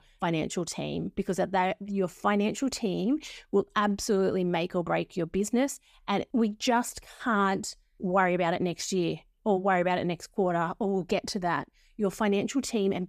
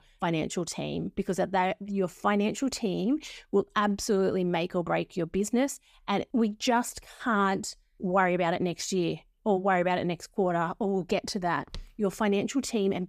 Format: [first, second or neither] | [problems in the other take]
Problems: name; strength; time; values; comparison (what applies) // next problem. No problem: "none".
first | footsteps; faint; at 12 s; peak 20 dB below the speech